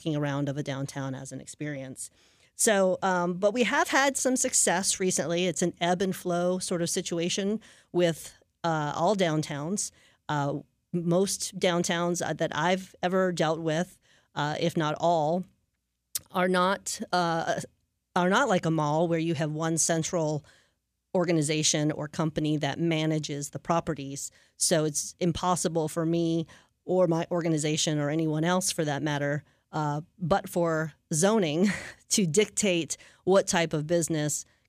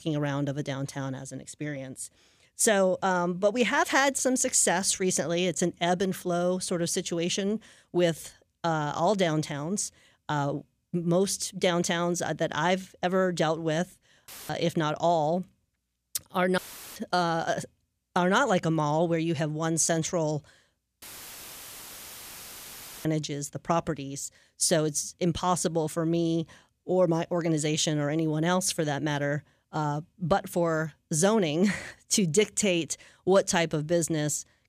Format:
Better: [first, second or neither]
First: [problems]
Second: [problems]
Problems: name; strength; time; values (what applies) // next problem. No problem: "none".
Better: first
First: none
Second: audio cutting out; filled with static; at 14 s, at 17 s and at 21 s for 2 s